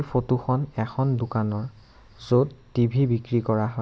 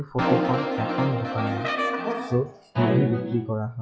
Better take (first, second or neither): first